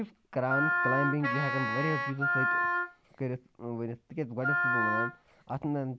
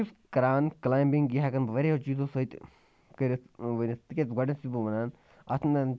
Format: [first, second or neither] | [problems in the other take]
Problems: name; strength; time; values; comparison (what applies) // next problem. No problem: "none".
second | background sound (Wind instrument, woodwind instrument + Wind instrument, woodwind instrument); 3 dB above the speech